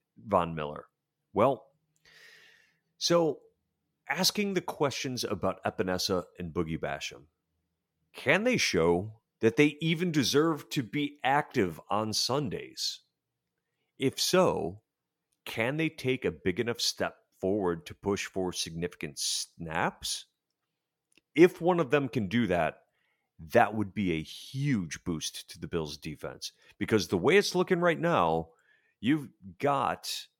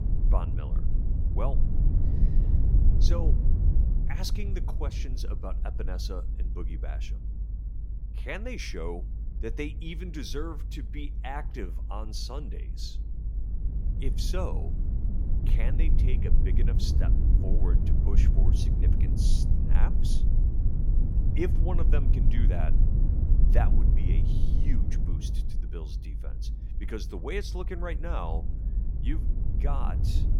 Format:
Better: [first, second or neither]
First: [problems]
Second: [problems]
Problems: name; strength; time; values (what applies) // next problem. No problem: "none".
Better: first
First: none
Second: low rumble; loud; throughout; 4 dB below the speech